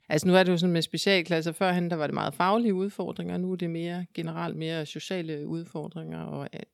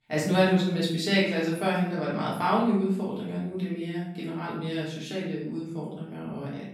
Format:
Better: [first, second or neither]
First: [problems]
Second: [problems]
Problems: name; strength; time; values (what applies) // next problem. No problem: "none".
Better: first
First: none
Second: off-mic speech; far // room echo; noticeable; dies away in 0.6 s